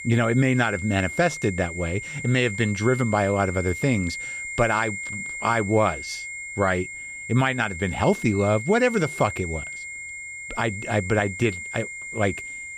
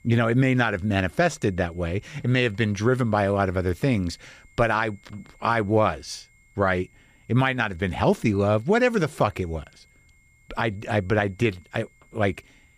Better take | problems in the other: second | high-pitched whine; loud; throughout; 2 kHz, 8 dB below the speech; faint in the second

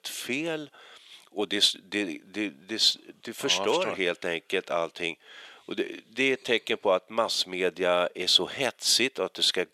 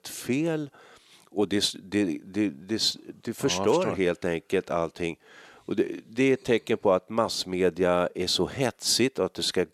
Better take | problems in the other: second | thin; very slightly; fading below 500 Hz

